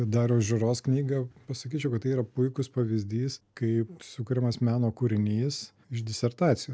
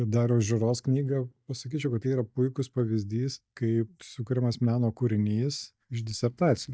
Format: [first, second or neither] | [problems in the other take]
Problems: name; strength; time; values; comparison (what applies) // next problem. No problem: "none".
first | noise reduction (neural mask model DeepFilterNet 3)